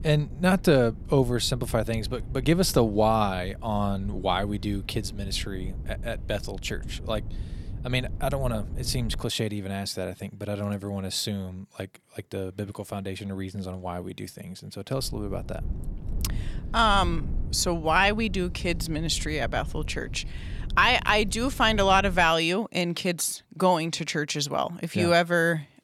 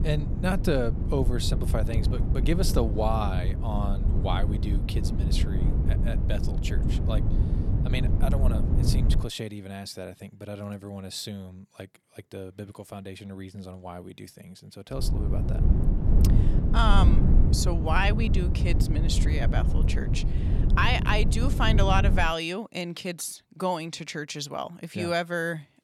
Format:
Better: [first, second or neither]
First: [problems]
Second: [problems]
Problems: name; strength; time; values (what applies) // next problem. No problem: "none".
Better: first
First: low rumble; faint; until 9 s and from 15 to 22 s; 25 dB below the speech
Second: low rumble; loud; until 9 s and from 15 to 22 s; 7 dB below the speech